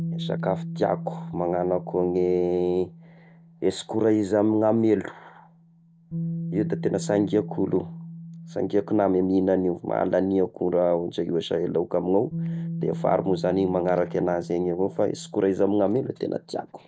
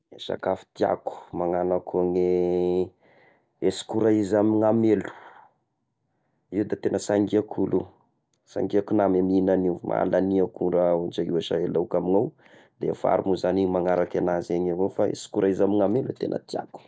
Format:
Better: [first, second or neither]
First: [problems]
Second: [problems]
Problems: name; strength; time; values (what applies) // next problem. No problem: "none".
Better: second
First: background sound (Bass guitar); 11 dB below the speech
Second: none